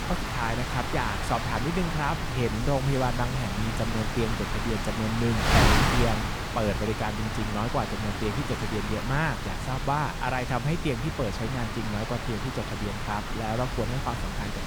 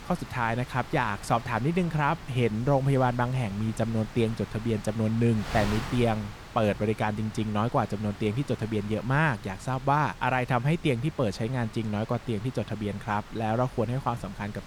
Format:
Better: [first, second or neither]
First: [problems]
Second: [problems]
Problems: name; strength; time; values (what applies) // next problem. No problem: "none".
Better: second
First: wind noise on the microphone; heavy; 1 dB above the speech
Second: wind noise on the microphone; occasional gusts; 15 dB below the speech